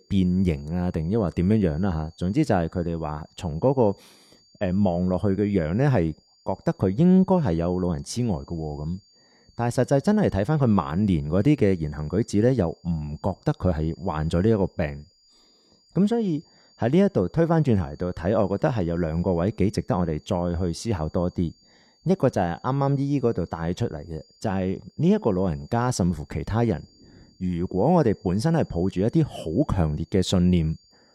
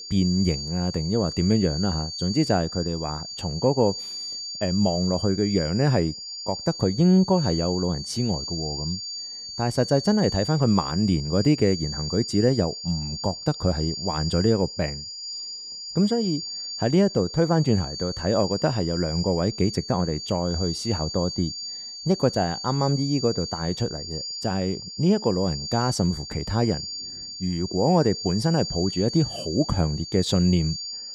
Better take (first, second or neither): first